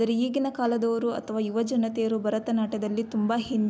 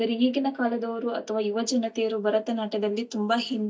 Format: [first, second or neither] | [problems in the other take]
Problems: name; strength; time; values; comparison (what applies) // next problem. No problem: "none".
first | noise reduction (neural mask model DeepFilterNet 3)